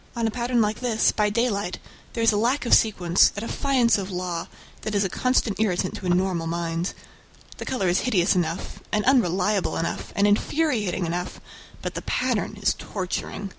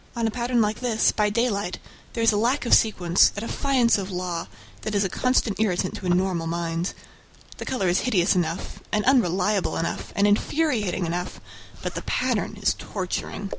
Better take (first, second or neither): first